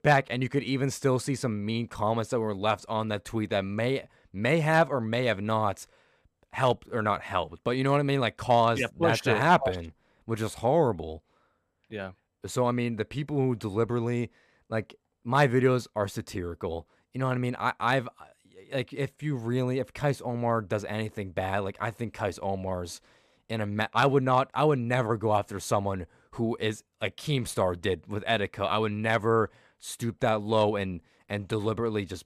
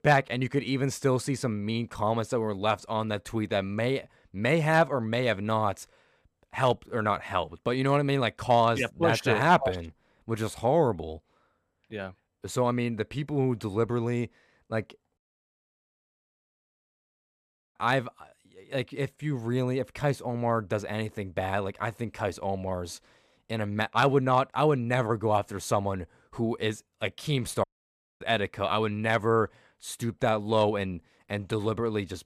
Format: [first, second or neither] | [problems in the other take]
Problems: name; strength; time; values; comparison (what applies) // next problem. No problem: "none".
first | audio cutting out; at 15 s for 2.5 s and at 28 s for 0.5 s